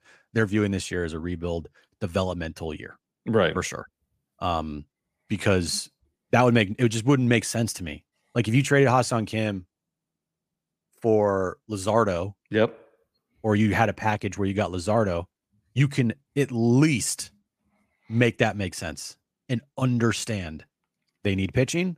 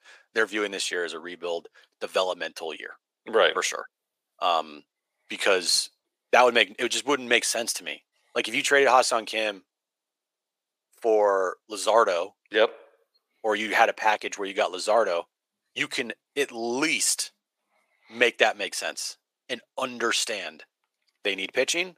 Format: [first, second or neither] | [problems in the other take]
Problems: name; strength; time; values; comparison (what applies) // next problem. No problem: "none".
first | thin; very; fading below 450 Hz